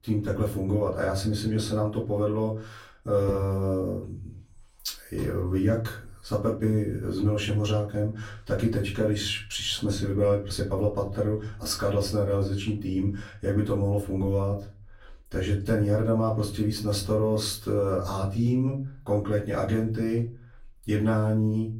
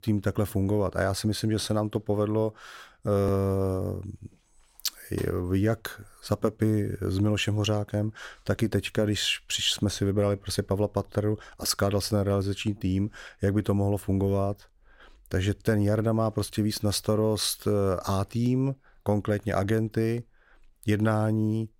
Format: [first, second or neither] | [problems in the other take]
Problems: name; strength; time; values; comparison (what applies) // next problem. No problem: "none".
second | off-mic speech; far // room echo; slight; dies away in 0.4 s